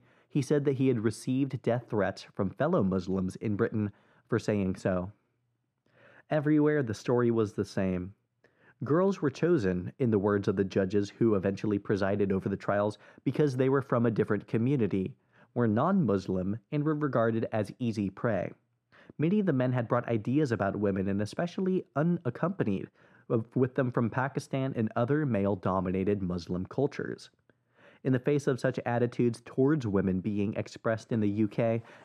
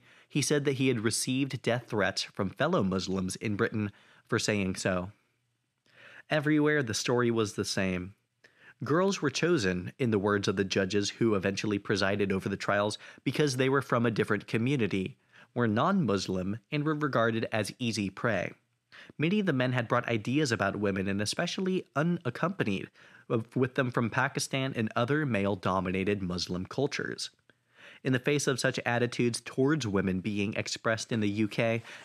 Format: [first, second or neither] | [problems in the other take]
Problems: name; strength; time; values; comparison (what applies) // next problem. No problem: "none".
second | muffled; slightly; fading above 1.5 kHz